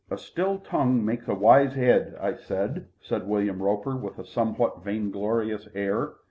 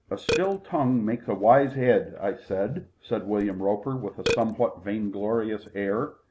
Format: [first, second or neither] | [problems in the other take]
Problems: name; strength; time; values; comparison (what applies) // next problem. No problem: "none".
first | background sound (Burping, eructation); 11 dB below the speech